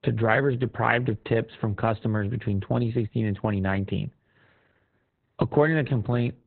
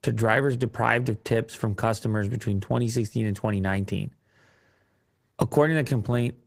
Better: second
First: garbled, watery; badly; nothing above 4 kHz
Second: garbled, watery; slightly; nothing above 15.5 kHz

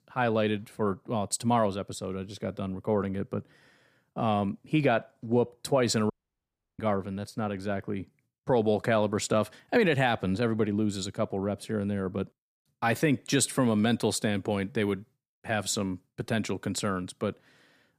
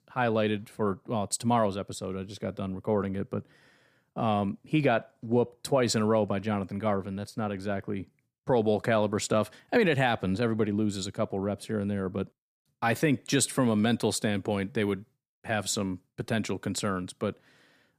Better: second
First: audio cutting out; at 6 s for 0.5 s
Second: none

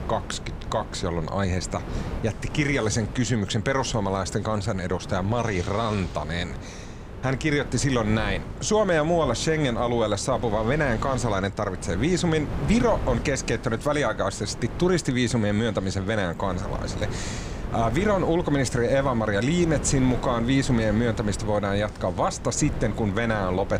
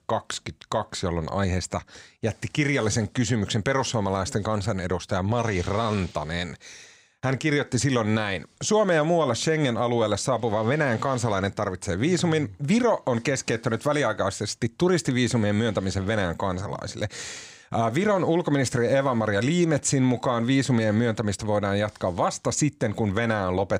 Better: second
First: wind noise on the microphone; occasional gusts; 15 dB below the speech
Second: none

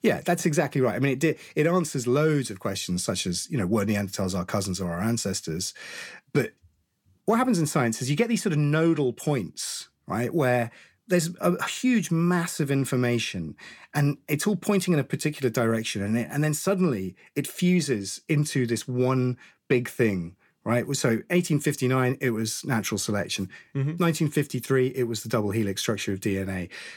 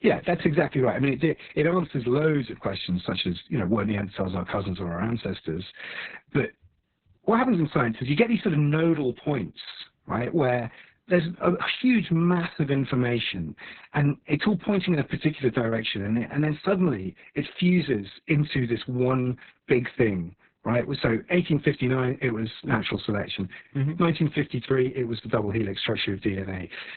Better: first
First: none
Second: garbled, watery; badly; nothing above 4 kHz

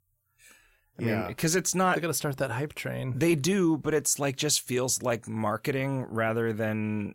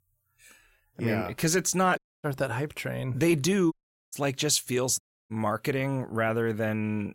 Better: first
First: none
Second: audio cutting out; at 2 s, at 3.5 s and at 5 s

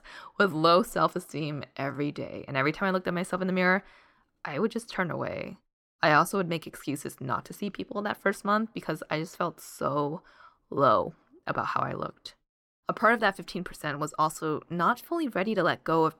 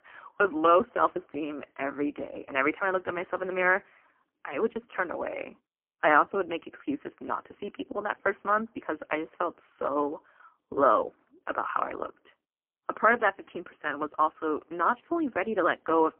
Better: first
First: none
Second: phone-call audio; poor line; nothing above 3 kHz

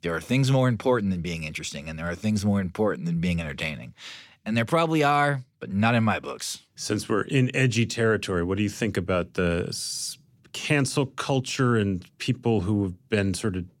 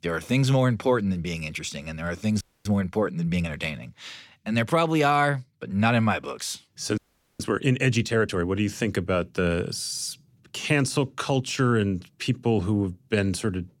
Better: first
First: none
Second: audio freezing; at 2.5 s and at 7 s

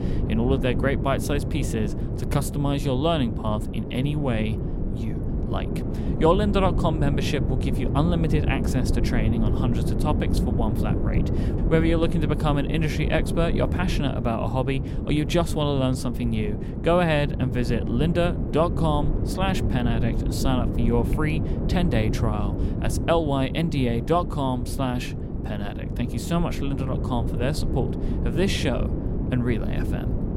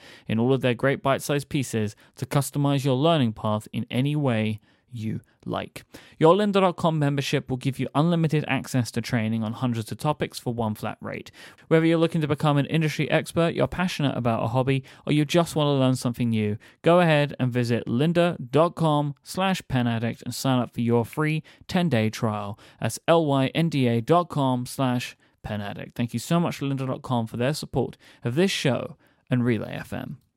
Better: second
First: wind noise on the microphone; heavy; 7 dB below the speech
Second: none

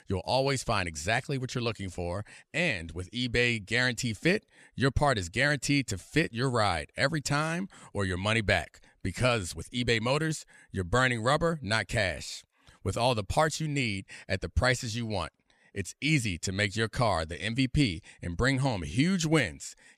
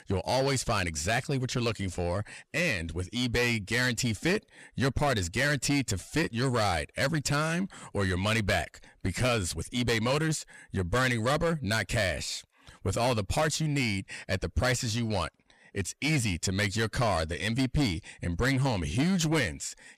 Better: first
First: none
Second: distortion; heavy; 8 dB below the speech

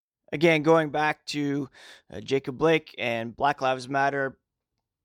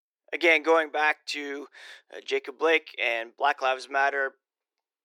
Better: first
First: none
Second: thin; very; fading below 350 Hz

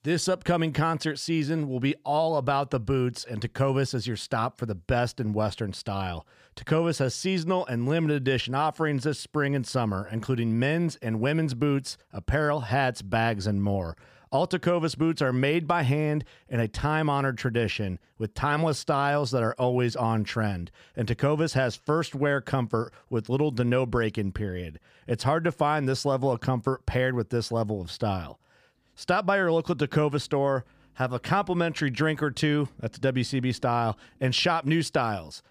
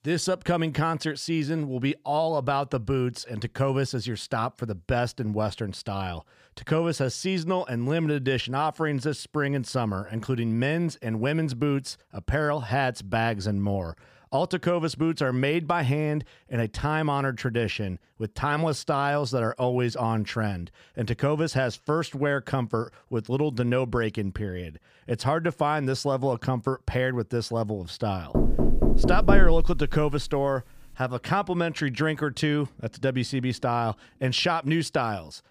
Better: first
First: none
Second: door banging; loud; from 28 to 30 s; peak 4 dB above the speech

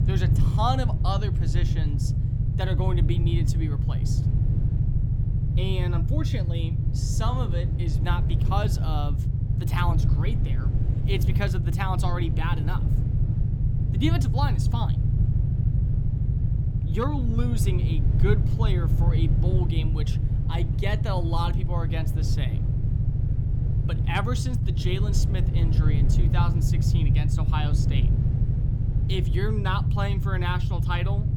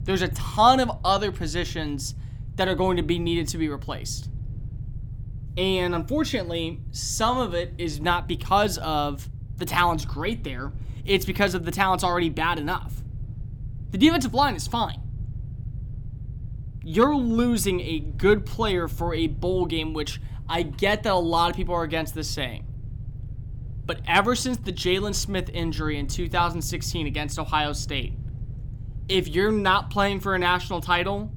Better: second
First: low rumble; loud; throughout; 4 dB below the speech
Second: low rumble; faint; throughout; 25 dB below the speech

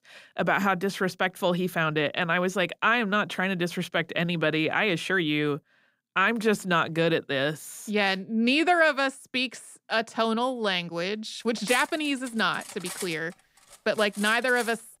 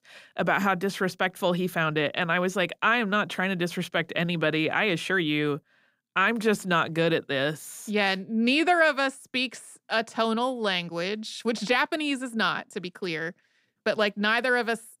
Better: second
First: clattering dishes; noticeable; from 12 s on; peak 10 dB below the speech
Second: none

